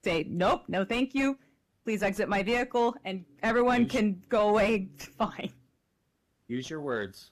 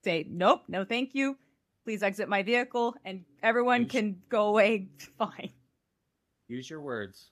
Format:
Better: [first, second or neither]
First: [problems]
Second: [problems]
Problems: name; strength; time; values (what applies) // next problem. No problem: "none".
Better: second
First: distortion; heavy; 6 dB below the speech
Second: none